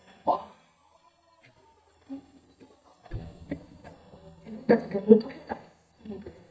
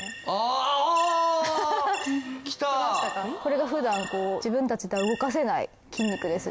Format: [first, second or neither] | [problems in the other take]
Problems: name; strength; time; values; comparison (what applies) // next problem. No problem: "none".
second | noise reduction (neural mask model DeepFilterNet 3)